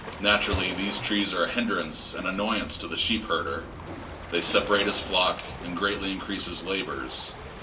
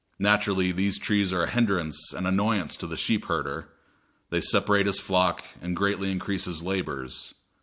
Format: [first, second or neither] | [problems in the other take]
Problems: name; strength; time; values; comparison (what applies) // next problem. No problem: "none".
second | background sound (Waves, surf); 10 dB below the speech // room echo; dies away in 0.2 s